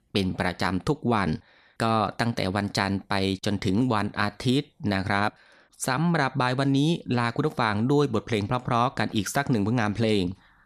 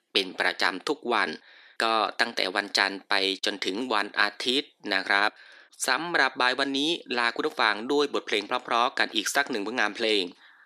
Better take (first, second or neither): first